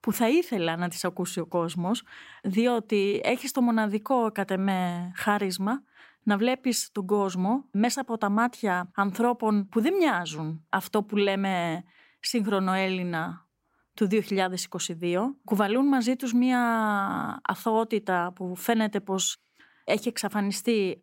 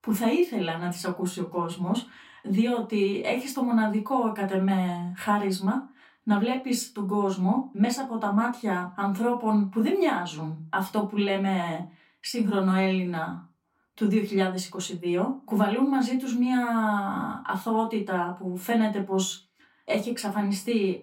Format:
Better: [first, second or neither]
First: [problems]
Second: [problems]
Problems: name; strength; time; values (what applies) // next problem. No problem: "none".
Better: first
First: none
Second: off-mic speech; far // room echo; very slight; dies away in 0.2 s